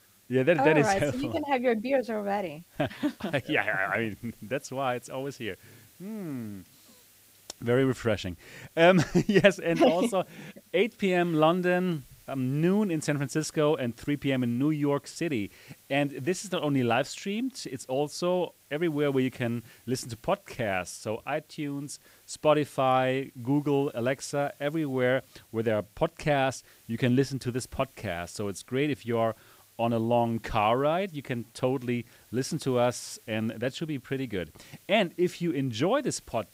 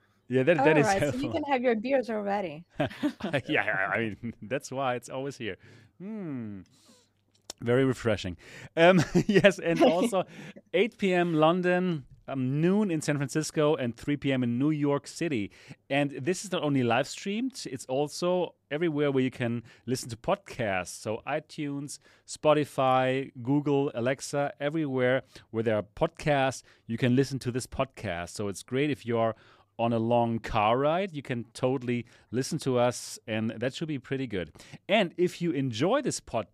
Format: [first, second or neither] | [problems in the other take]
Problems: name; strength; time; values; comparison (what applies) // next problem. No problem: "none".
second | hiss; faint; throughout; 30 dB below the speech